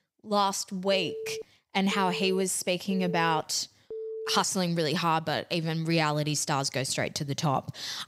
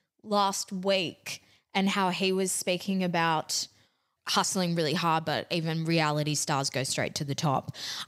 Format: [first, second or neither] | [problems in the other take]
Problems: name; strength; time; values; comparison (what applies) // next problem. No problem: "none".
second | phone ringing; noticeable; from 1 to 4.5 s; peak 9 dB below the speech